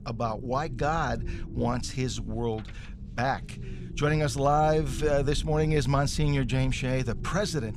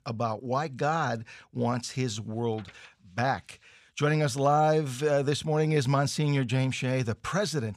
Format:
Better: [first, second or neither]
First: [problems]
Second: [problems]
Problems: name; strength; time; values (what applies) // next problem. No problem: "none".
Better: second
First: low rumble; faint; throughout; 20 dB below the speech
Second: none